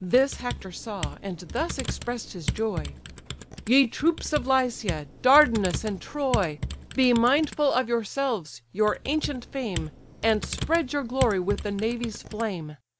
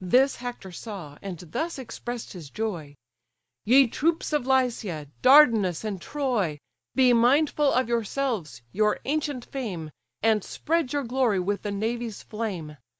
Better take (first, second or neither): second